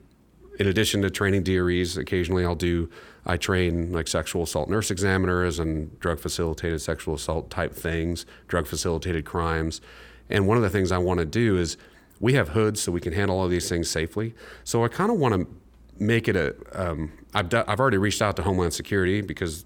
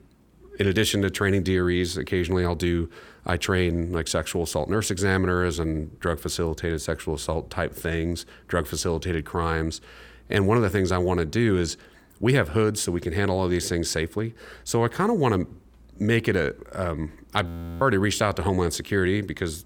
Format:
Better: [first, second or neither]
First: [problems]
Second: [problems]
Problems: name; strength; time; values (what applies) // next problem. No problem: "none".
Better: first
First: none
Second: audio freezing; at 17 s